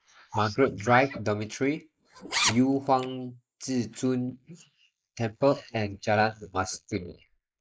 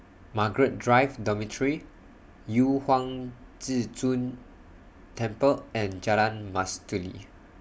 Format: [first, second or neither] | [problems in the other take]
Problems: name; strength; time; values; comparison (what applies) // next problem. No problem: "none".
second | noise reduction (neural mask model Resemble Enhance denoiser)